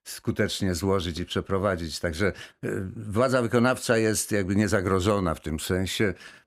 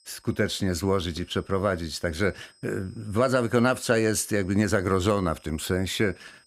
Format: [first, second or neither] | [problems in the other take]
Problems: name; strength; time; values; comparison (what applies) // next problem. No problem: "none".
first | high-pitched whine; faint; throughout; 5 kHz, 30 dB below the speech